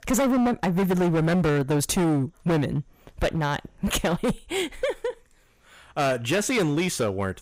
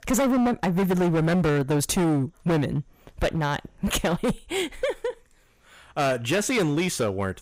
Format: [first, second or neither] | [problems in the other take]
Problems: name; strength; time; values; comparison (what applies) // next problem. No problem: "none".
neither | distortion; heavy; 17% of the sound clipped; the same in both